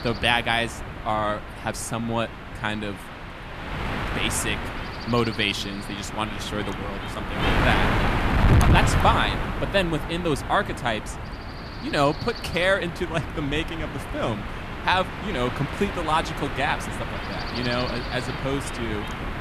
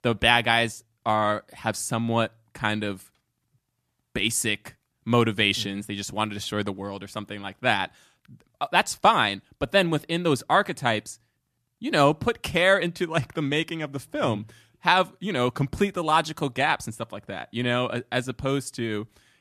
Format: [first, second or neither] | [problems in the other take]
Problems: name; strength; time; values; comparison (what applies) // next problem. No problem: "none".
second | wind noise on the microphone; heavy; 5 dB below the speech